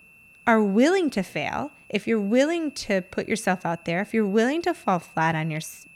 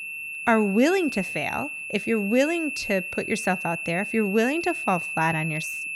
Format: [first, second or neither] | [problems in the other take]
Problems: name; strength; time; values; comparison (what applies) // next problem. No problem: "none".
first | high-pitched whine; loud; throughout; 2.5 kHz, 5 dB below the speech; faint in the first